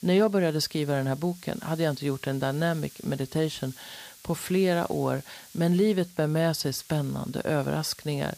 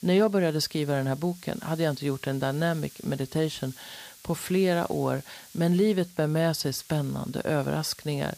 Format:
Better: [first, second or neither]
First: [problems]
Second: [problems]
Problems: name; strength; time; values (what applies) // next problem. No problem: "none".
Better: neither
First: hiss; faint; throughout; 20 dB below the speech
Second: hiss; faint; throughout; 20 dB below the speech